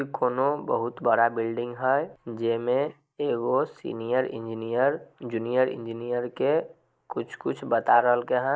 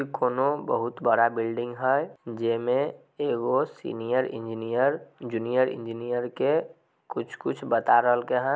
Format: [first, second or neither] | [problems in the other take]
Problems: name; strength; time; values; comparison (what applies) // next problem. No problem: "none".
second | noise reduction (neural mask model Resemble Enhance denoiser)